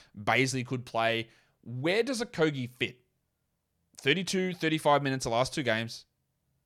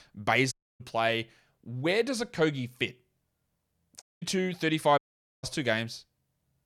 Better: first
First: none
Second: audio cutting out; at 0.5 s, at 4 s and at 5 s

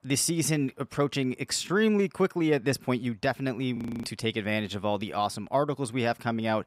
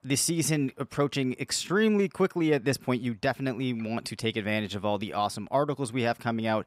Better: second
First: audio freezing; at 4 s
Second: none

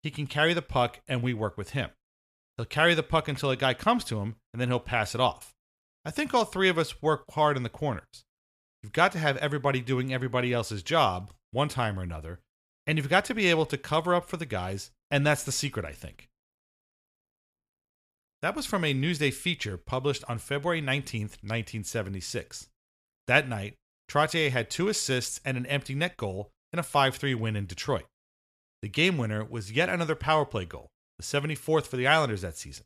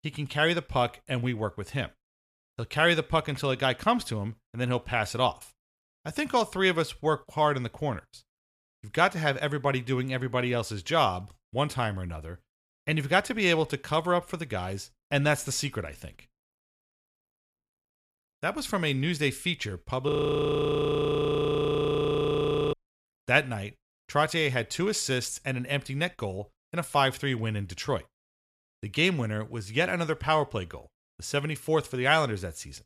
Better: first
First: none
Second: audio freezing; at 20 s for 2.5 s

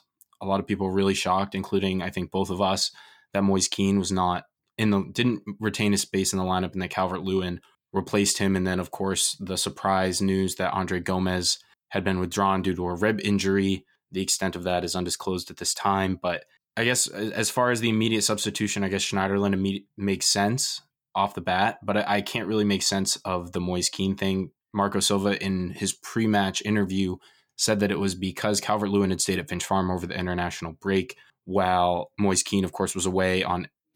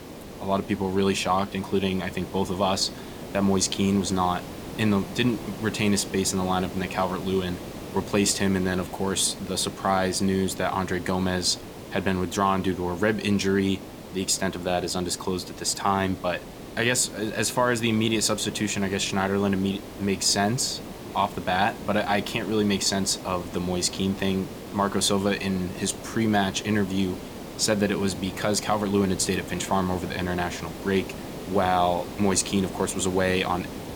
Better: first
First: none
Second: hiss; noticeable; throughout; 15 dB below the speech

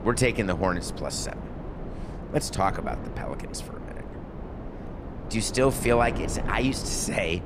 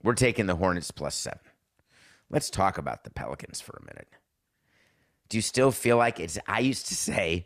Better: second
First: wind noise on the microphone; occasional gusts; 15 dB below the speech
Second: none

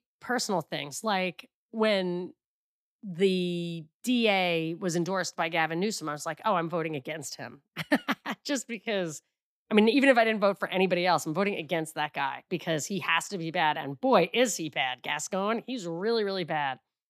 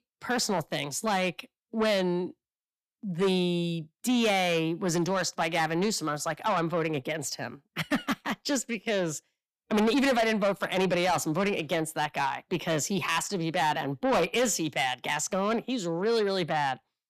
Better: first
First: none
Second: distortion; heavy; 7 dB below the speech

